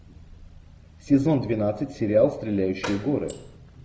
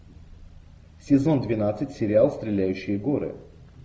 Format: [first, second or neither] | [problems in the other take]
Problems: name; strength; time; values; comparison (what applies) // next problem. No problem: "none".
second | background sound (Door); 12 dB below the speech